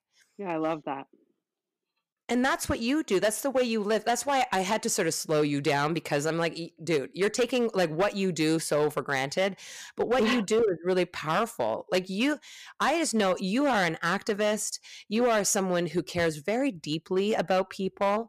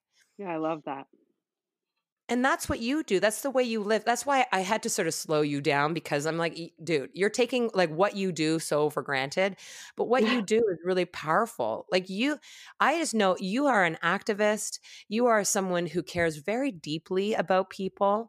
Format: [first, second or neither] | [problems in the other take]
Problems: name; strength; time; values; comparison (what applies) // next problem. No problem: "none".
second | distortion; slight; 6% of the sound clipped